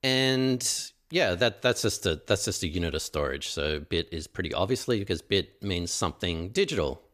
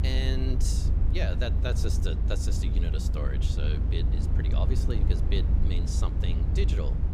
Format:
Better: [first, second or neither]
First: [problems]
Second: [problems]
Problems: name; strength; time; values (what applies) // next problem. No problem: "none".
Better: first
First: none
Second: low rumble; loud; throughout; 4 dB below the speech